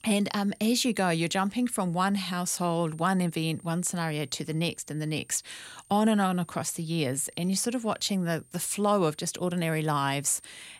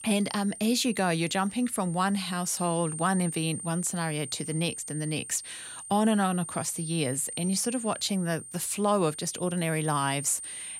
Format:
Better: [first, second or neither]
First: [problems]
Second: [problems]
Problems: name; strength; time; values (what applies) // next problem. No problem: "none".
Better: first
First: high-pitched whine; faint; throughout; 9 kHz, 25 dB below the speech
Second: high-pitched whine; loud; throughout; 9 kHz, 9 dB below the speech